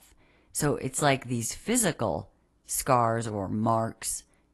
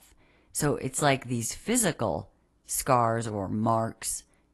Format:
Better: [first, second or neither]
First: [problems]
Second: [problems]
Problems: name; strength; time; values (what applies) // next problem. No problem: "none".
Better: neither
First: garbled, watery; slightly; nothing above 12 kHz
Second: garbled, watery; slightly; nothing above 12 kHz